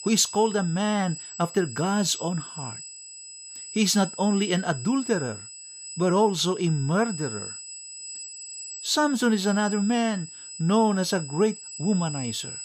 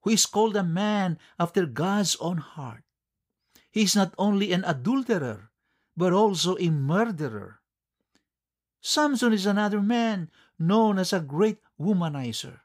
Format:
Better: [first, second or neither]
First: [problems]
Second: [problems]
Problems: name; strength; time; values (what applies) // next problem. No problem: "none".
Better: second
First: high-pitched whine; noticeable; throughout; 8 kHz, 10 dB below the speech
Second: none